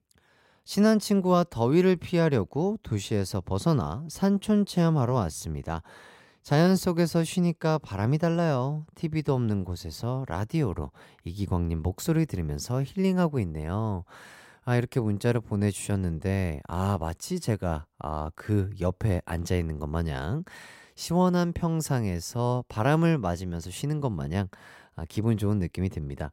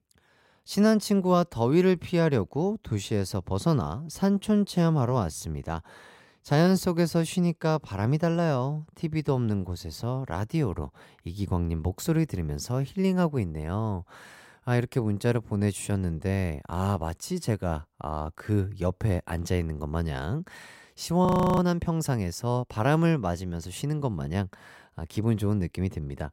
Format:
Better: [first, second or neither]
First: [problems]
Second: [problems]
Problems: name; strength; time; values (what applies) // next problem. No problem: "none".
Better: first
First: none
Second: audio freezing; at 21 s